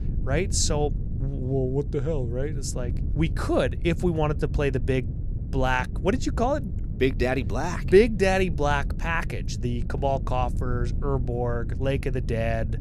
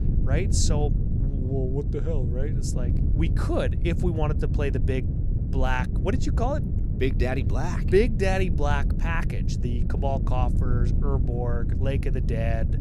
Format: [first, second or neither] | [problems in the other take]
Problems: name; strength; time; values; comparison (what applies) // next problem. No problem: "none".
first | wind noise on the microphone; heavy; 9 dB below the speech; occasional gusts in the first